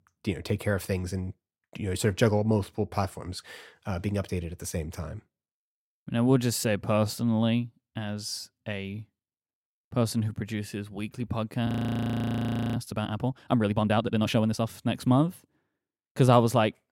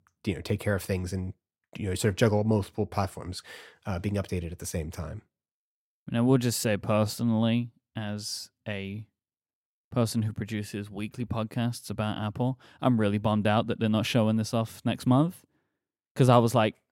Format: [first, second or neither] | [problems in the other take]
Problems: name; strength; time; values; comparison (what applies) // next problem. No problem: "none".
second | audio freezing; at 12 s for 1 s